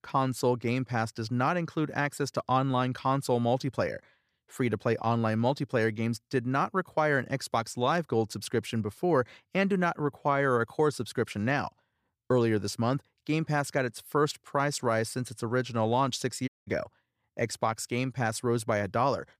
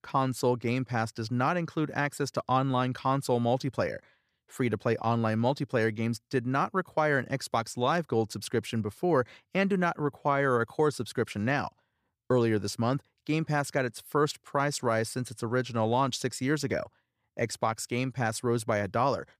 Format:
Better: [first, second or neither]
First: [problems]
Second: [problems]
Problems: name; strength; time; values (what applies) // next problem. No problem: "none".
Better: second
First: audio cutting out; at 16 s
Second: none